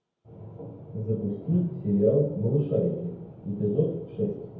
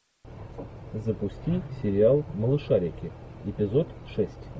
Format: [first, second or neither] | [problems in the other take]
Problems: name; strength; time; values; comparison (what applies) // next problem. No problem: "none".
second | room echo; dies away in 0.9 s